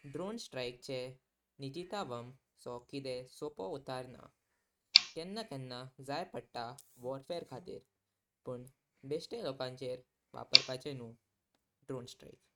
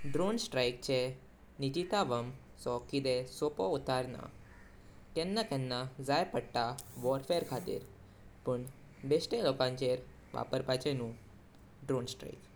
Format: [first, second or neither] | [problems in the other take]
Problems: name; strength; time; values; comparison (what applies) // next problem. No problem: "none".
second | noise reduction (neural mask model RNNoise)